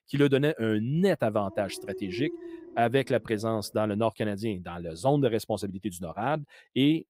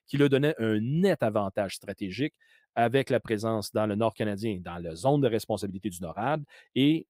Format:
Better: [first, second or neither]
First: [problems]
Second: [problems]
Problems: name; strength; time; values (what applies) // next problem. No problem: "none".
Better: second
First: dog barking; noticeable; from 1.5 to 3.5 s; peak 8 dB below the speech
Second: none